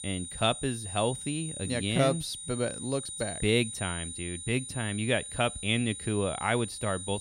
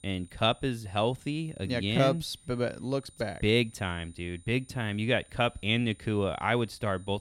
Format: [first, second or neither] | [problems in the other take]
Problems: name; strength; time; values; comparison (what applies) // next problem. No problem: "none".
second | high-pitched whine; loud; throughout; 9 kHz, 7 dB below the speech; faint in the second